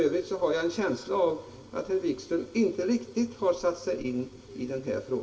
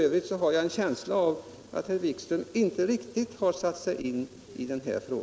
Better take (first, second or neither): second